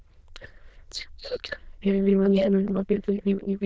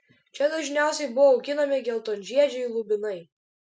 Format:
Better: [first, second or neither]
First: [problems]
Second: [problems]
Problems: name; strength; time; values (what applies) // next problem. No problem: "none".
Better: second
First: noise reduction (neural diffusion model UNIVERSE++)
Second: none